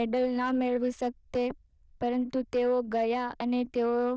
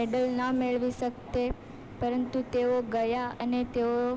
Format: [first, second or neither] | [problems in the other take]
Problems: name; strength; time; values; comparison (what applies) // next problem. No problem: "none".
second | noise reduction (neural diffusion model UNIVERSE++)